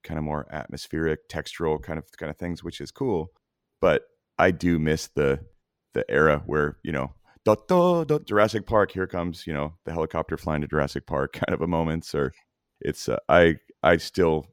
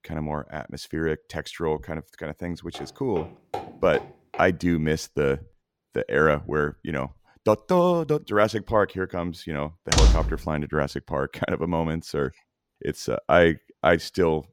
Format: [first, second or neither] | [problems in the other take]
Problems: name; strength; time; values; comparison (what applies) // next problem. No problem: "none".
first | footsteps; faint; from 2.5 to 4.5 s; peak 10 dB below the speech // door banging; loud; at 10 s; peak 6 dB above the speech